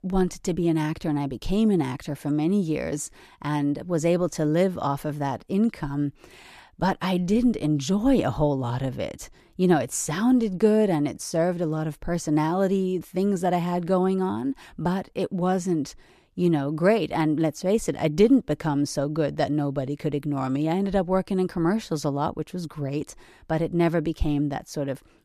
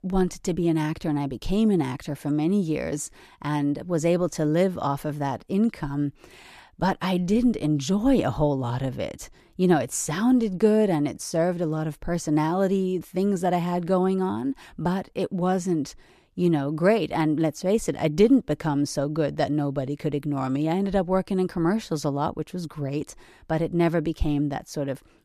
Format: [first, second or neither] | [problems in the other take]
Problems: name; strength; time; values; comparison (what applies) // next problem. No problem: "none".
neither | none